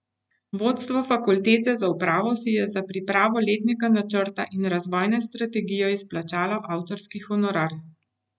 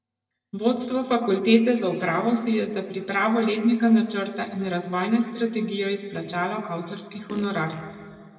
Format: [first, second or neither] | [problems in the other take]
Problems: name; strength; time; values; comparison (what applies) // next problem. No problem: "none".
first | noise reduction (neural separator model SepFormer DNS4)